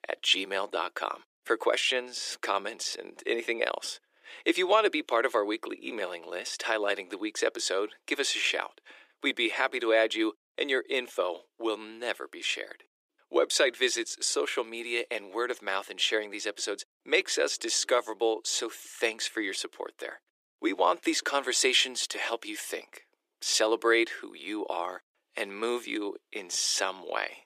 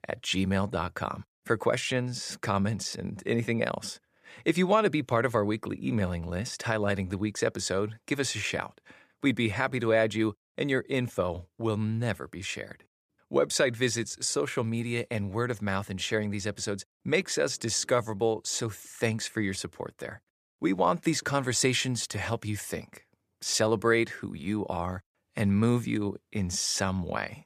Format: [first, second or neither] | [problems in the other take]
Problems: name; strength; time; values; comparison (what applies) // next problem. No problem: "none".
second | thin; very; fading below 350 Hz